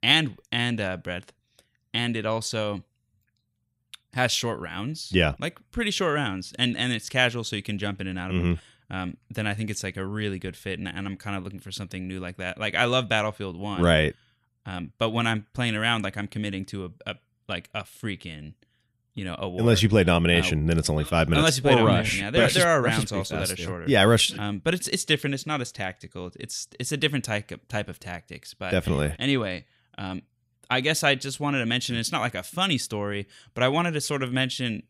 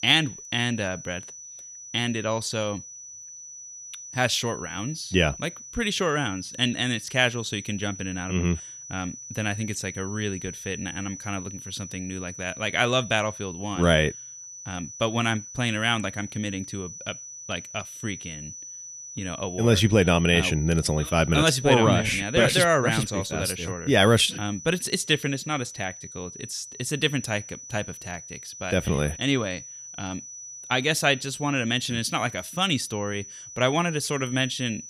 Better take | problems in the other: first | high-pitched whine; noticeable; throughout; 6 kHz, 15 dB below the speech

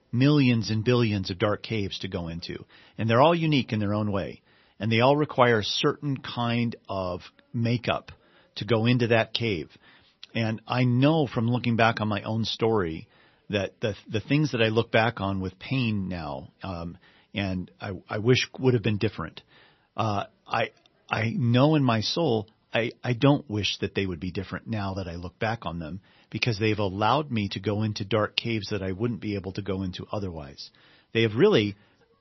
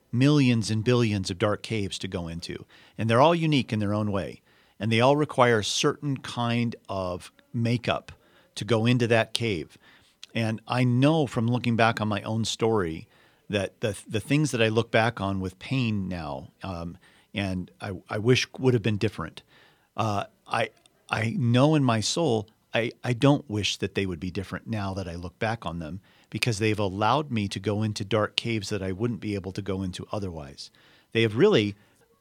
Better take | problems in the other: second | garbled, watery; slightly; nothing above 6 kHz

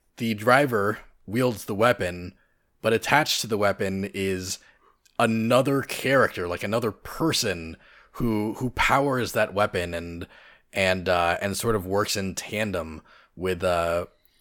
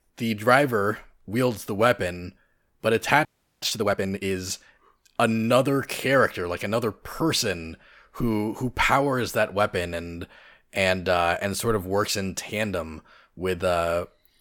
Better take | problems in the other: first | audio freezing; at 3.5 s

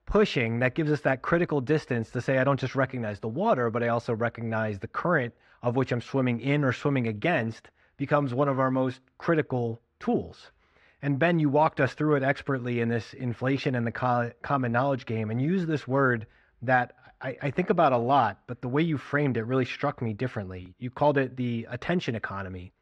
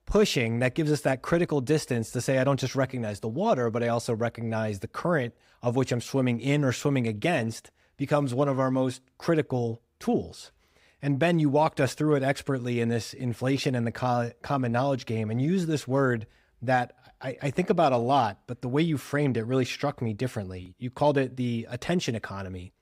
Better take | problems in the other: second | muffled; slightly; fading above 3 kHz

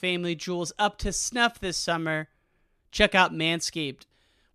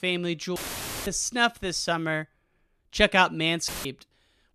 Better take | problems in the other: first | audio cutting out; filled with static; at 0.5 s for 0.5 s and at 3.5 s

